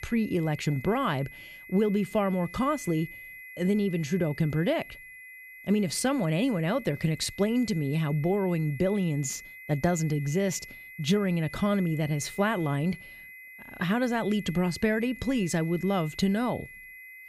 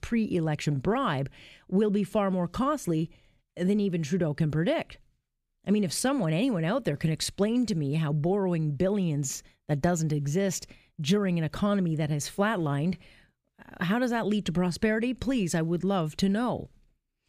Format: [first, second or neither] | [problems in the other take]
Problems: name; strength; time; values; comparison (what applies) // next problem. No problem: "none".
second | high-pitched whine; noticeable; throughout; 2 kHz, 15 dB below the speech